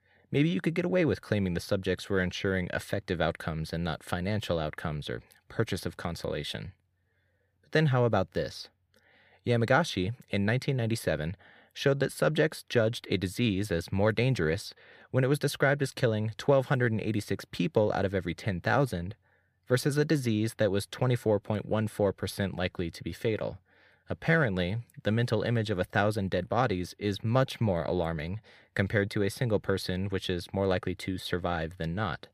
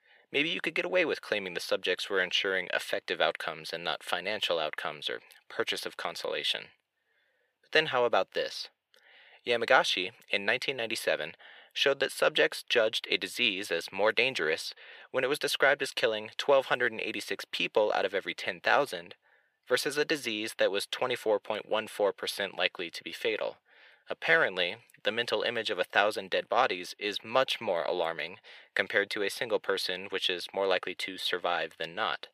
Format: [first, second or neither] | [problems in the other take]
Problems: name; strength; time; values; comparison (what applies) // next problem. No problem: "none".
first | thin; very; fading below 550 Hz